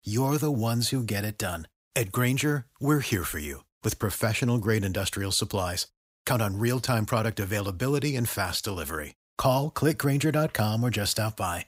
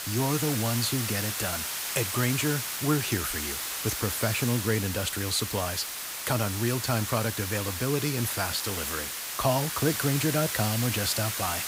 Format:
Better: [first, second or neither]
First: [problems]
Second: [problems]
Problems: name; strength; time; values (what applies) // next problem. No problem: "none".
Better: first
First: none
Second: hiss; loud; throughout; 2 dB below the speech